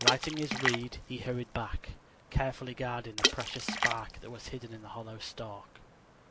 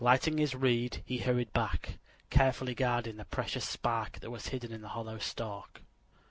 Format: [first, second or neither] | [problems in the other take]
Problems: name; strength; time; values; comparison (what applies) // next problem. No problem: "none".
second | background sound (Water / Splash, splatter); as loud as the speech